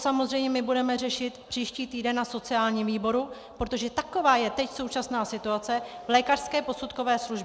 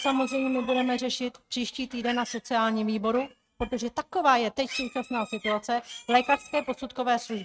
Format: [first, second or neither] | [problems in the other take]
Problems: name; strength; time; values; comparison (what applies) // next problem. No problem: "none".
first | noise reduction (neural mask model RNNoise)